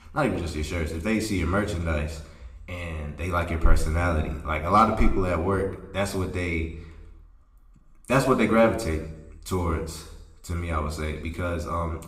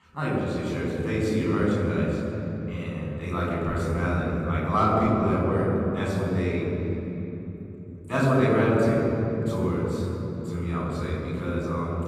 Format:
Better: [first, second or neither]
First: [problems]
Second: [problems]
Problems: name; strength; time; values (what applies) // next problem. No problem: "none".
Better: first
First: room echo; slight; dies away in 0.7 s // off-mic speech; somewhat distant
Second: room echo; strong; dies away in 3 s // off-mic speech; far